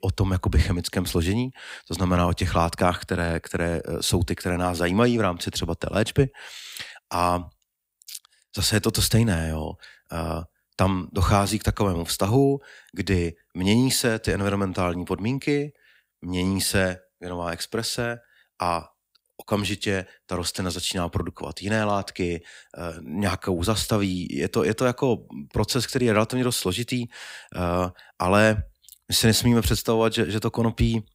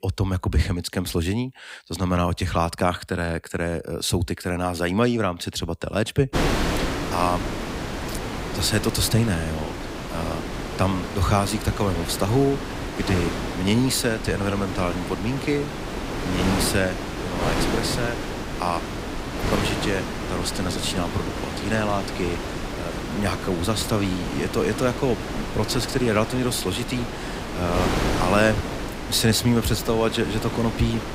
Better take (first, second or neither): first